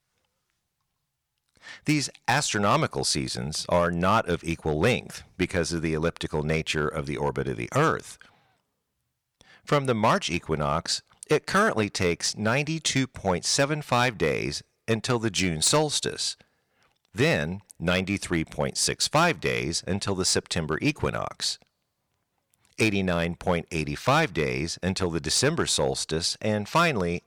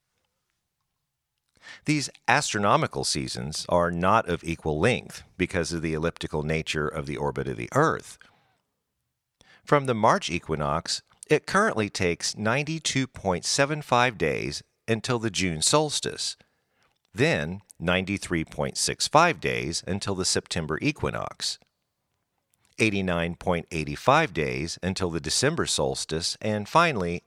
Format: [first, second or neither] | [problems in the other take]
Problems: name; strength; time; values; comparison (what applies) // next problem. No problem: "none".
second | distortion; slight; 1.9% of the sound clipped